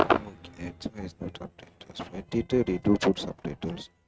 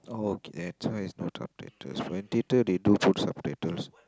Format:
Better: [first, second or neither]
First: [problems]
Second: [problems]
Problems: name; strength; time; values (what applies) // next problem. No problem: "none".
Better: second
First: noise reduction (neural mask model RNNoise)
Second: none